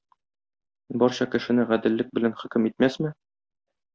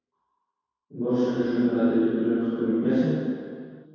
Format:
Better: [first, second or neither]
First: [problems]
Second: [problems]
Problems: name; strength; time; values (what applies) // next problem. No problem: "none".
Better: first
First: none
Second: room echo; dies away in 2 s